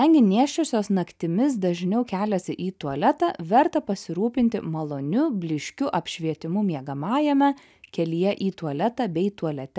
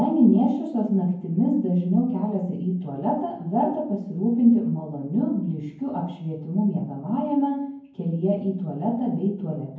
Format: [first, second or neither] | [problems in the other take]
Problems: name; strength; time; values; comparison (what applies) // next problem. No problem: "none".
first | room echo; dies away in 0.9 s